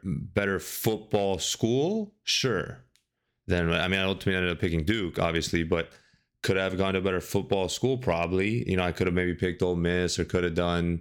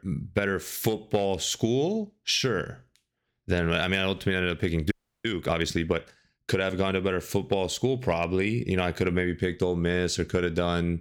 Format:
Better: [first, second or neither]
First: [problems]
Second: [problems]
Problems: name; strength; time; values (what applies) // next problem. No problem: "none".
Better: first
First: none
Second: audio freezing; at 5 s